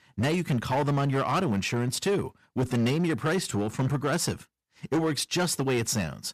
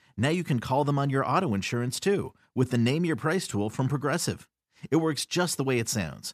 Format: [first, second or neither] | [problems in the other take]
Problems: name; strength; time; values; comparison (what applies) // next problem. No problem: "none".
second | distortion; slight; 12% of the sound clipped